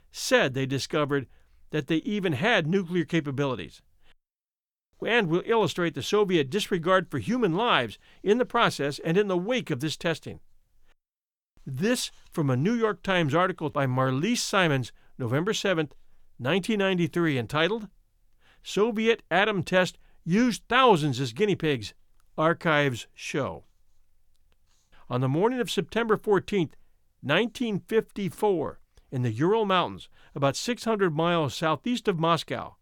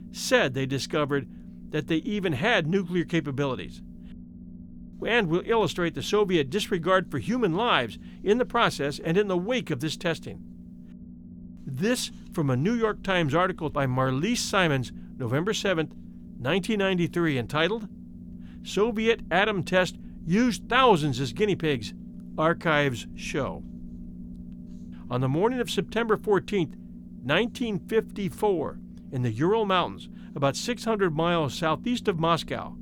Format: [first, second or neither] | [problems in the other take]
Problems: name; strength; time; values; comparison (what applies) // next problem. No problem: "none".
first | low rumble; faint; throughout; 25 dB below the speech